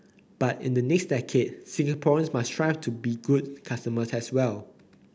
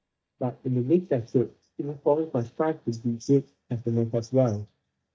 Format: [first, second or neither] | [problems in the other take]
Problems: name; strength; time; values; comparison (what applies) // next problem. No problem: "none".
first | noise reduction (neural mask model DeepFilterNet 3)